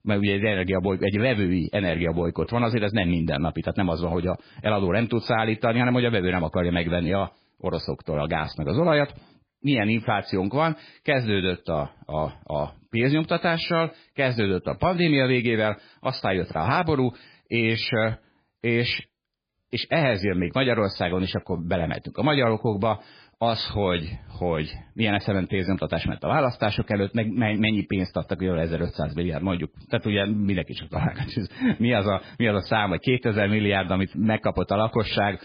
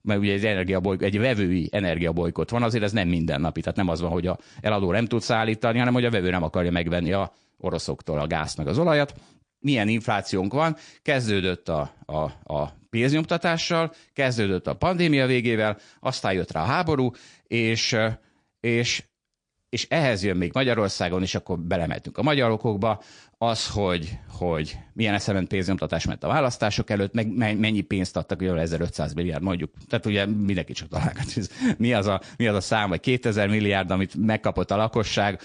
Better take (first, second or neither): second